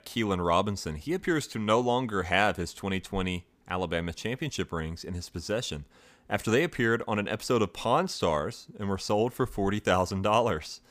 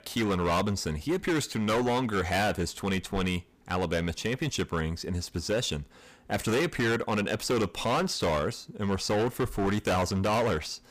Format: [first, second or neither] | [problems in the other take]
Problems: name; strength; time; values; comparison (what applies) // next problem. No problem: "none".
first | distortion; heavy; 15% of the sound clipped